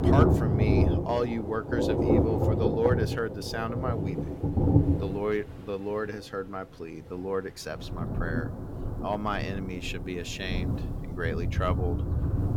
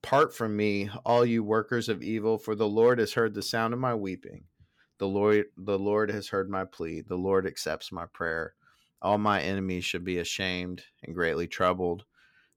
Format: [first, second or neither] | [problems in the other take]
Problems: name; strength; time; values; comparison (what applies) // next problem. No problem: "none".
second | rain or running water; very loud; throughout; 4 dB above the speech